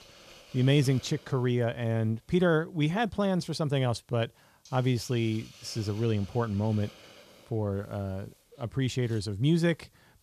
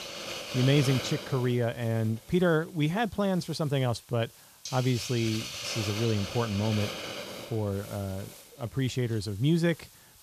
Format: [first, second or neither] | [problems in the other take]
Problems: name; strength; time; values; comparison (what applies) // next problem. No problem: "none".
first | hiss; loud; throughout; 7 dB below the speech; faint in the first